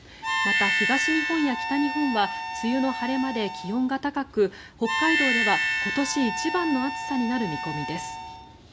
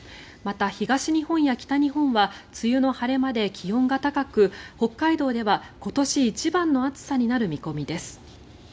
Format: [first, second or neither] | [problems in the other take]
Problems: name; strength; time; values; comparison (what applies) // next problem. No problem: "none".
second | background sound (Harmonica); 1 dB below the speech